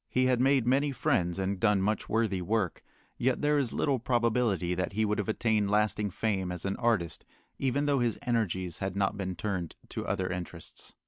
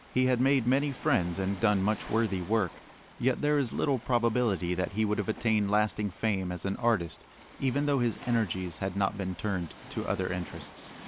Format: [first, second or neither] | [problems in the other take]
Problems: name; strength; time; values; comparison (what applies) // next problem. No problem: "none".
first | background sound (Waves, surf); 19 dB below the speech